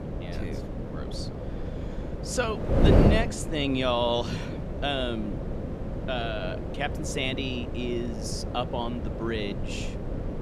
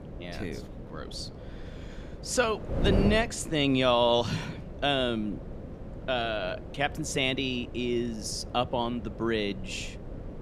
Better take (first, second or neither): second